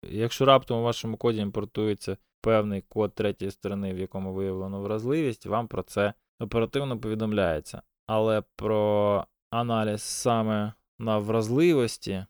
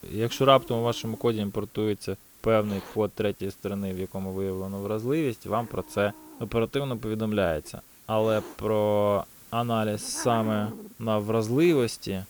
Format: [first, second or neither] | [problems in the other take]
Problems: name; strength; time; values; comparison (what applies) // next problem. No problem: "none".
first | hiss; noticeable; throughout; 20 dB below the speech